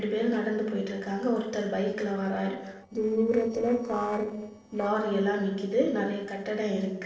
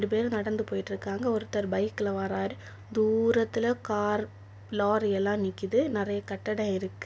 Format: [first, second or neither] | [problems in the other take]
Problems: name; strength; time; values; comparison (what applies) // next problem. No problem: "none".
second | noise reduction (neural separator model SepFormer DNS4)